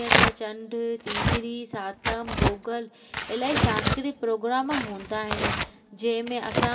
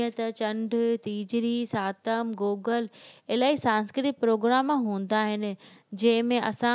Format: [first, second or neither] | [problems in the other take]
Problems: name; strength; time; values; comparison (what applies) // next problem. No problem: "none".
second | background sound (Tearing); 2 dB above the speech // room echo; dies away in 1.9 s